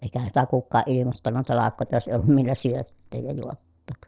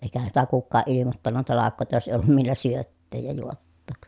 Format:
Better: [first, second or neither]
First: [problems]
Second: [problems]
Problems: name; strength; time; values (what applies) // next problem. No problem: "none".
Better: second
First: noise reduction (neural separator model SepFormer DNS4)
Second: none